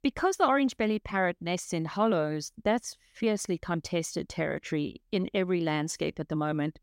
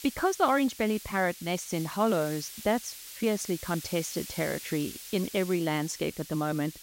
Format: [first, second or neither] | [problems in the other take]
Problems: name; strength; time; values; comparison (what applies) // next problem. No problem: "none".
first | hiss; noticeable; throughout; 10 dB below the speech